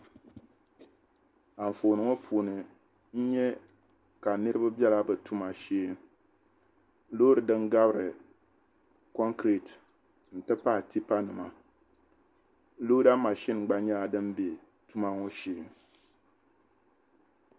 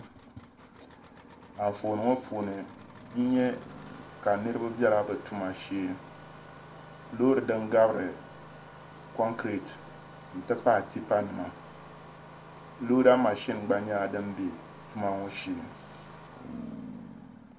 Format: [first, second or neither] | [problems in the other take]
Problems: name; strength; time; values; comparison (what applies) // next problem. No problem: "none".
first | background sound (Engine starting); 16 dB below the speech // room echo; dies away in 0.3 s